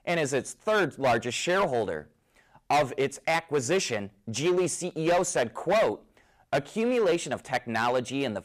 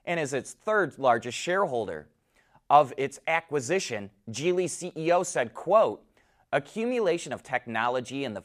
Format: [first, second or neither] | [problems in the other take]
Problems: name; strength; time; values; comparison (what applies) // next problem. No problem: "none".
second | distortion; heavy; 8% of the sound clipped